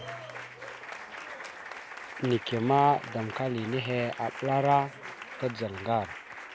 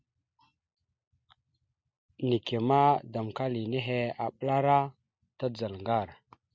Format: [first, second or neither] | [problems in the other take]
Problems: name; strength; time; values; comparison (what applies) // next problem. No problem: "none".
second | background sound (Applause); 12 dB below the speech